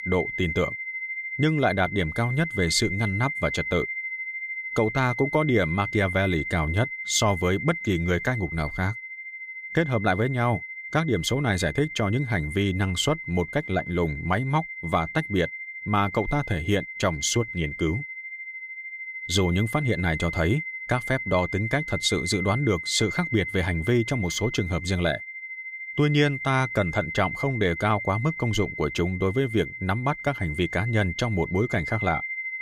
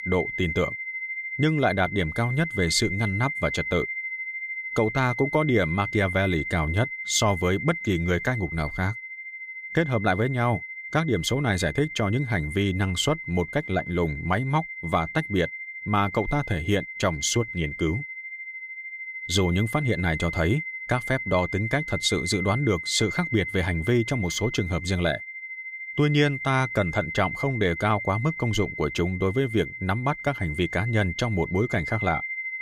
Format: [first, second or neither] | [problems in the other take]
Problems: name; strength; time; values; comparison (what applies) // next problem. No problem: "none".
neither | high-pitched whine; loud; throughout; 2 kHz, 7 dB below the speech; the same in both